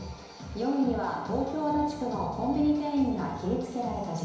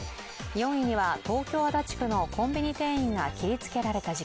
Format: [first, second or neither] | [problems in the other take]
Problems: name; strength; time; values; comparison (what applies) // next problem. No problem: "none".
second | room echo; dies away in 1 s